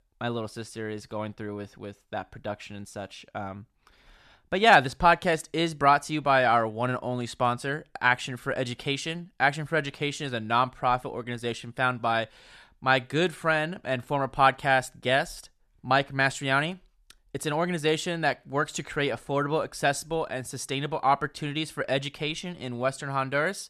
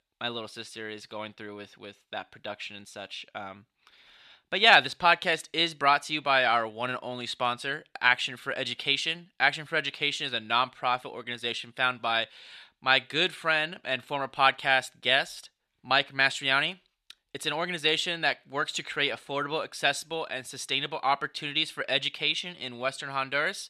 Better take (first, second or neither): first